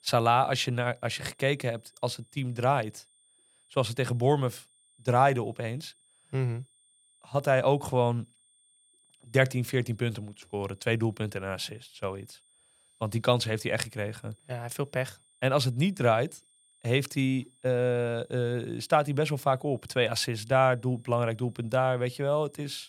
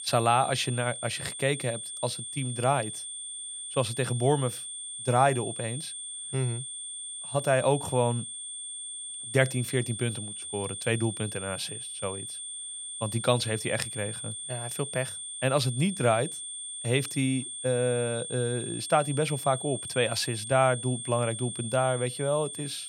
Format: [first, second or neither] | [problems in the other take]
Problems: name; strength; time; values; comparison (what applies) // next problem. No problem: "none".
first | high-pitched whine; loud; throughout; 8.5 kHz, 7 dB below the speech; faint in the first